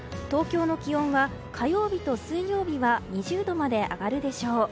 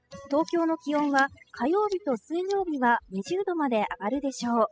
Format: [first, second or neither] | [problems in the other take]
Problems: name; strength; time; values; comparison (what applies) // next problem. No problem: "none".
first | noise reduction (classical method spectral subtraction)